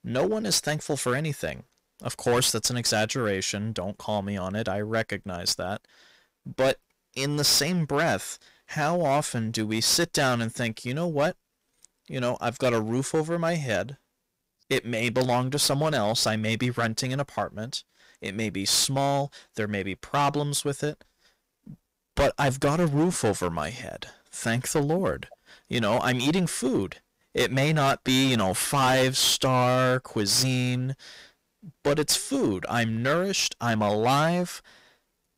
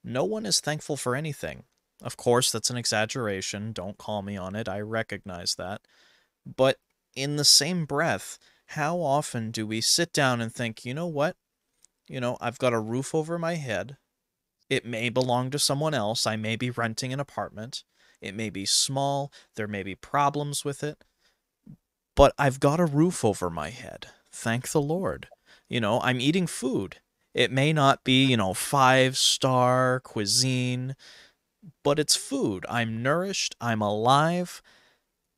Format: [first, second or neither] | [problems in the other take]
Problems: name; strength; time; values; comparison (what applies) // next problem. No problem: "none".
second | distortion; heavy; 9% of the sound clipped